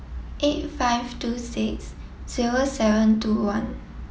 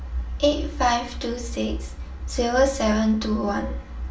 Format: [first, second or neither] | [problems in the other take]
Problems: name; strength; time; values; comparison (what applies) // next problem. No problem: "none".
first | room echo; dies away in 0.2 s